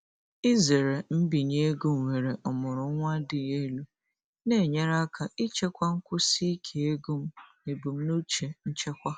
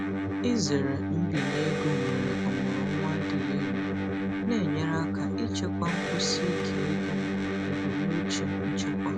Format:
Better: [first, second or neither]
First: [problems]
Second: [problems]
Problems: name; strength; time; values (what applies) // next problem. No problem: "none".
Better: first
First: none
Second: background sound (Electric guitar); 3 dB above the speech